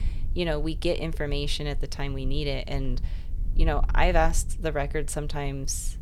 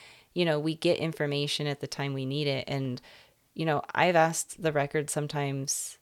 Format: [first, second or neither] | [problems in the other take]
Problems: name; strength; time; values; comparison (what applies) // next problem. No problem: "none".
second | low rumble; faint; throughout; 25 dB below the speech